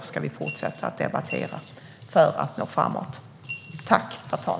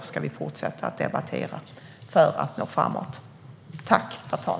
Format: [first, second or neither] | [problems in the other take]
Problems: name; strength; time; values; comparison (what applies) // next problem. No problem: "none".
second | background sound (Coin (dropping) / Glass); 16 dB below the speech